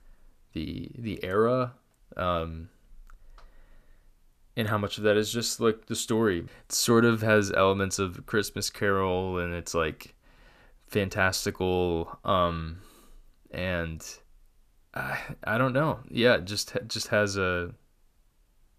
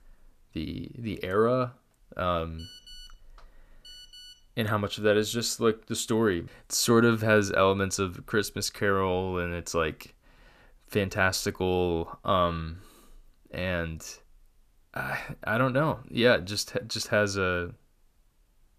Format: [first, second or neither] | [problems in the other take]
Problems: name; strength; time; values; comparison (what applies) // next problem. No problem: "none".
first | phone ringing; faint; from 2.5 to 4.5 s; peak 20 dB below the speech